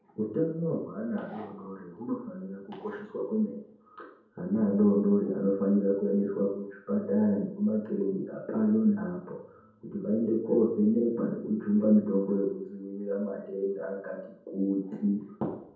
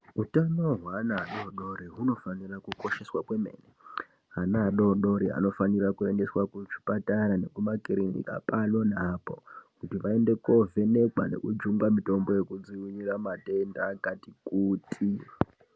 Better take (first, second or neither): second